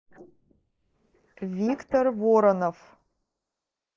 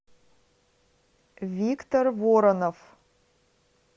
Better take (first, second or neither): second